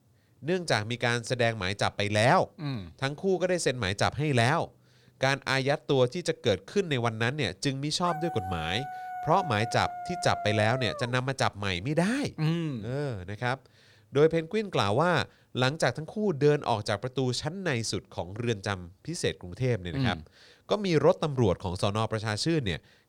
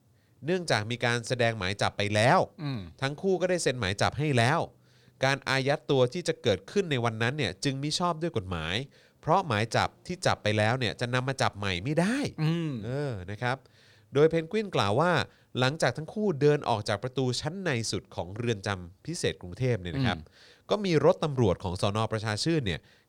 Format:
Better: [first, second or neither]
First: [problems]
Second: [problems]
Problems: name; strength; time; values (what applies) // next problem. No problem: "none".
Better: second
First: dog barking; noticeable; from 8 to 11 s; peak 8 dB below the speech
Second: none